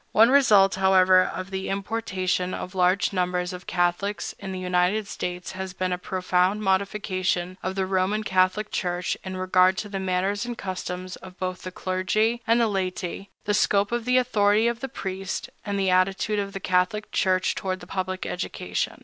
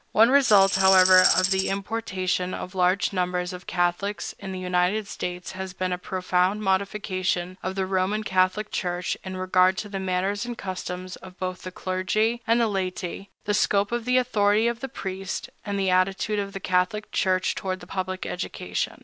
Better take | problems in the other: first | background sound (Tambourine); 1 dB below the speech

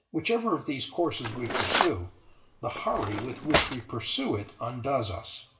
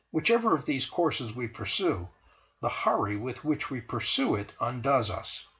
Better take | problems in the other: second | background sound (Cutlery, silverware); 1 dB below the speech // room echo; dies away in 0.7 s

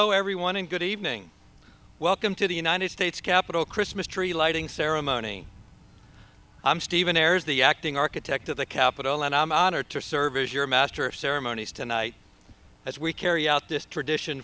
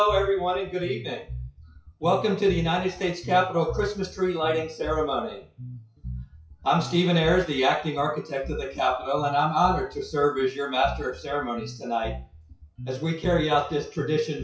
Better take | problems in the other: first | noise reduction (classical method WPE with log-MMSE)

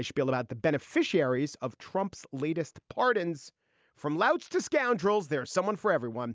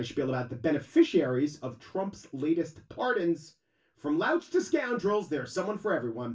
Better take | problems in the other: first | room echo; dies away in 0.2 s

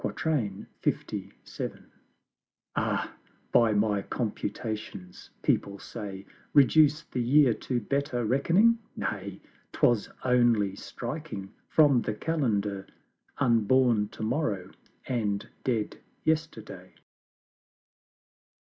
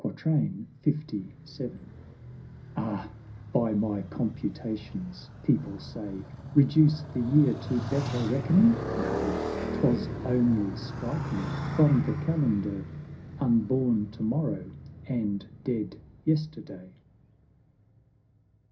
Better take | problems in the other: first | background sound (Motorcycle); 9 dB below the speech // room echo; dies away in 0.4 s

